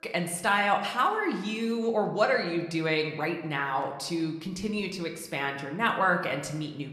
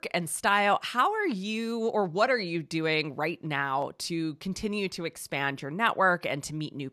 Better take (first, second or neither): second